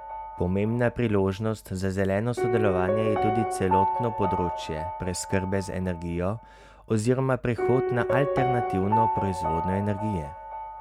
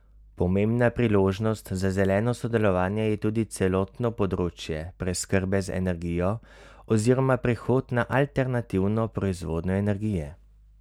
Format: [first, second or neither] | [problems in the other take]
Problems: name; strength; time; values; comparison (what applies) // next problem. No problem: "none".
second | background sound (Piano); 3 dB below the speech